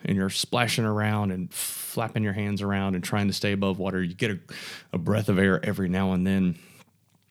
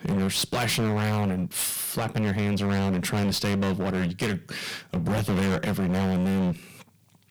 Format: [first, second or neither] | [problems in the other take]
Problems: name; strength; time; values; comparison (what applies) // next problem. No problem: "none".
first | distortion; heavy; 30% of the sound clipped